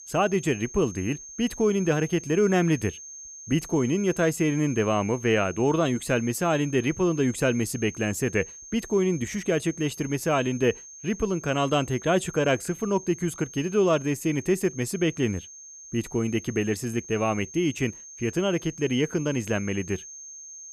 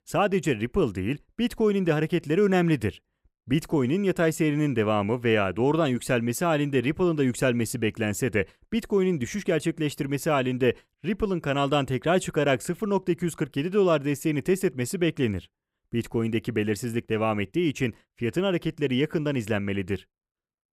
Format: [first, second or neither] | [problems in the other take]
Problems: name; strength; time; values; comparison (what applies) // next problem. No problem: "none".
second | high-pitched whine; noticeable; throughout; 6.5 kHz, 15 dB below the speech